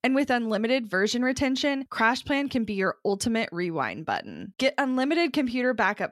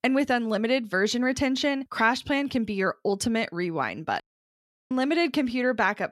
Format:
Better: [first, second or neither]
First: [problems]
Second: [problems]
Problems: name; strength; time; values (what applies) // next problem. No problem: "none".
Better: first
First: none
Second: audio cutting out; at 4 s for 0.5 s